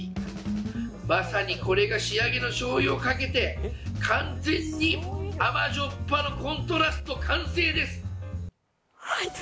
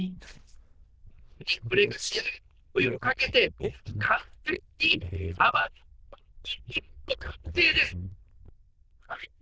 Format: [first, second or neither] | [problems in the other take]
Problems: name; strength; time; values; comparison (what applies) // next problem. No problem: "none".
first | noise reduction (neural diffusion model UNIVERSE++)